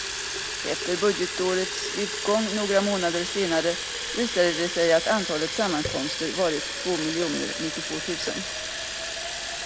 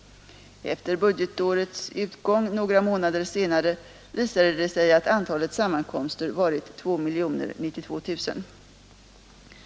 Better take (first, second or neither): second